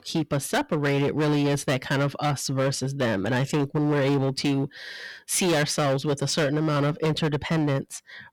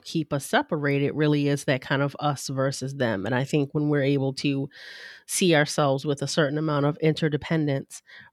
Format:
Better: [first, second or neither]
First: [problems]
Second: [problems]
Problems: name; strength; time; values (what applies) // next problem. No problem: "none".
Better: second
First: distortion; heavy; 18% of the sound clipped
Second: none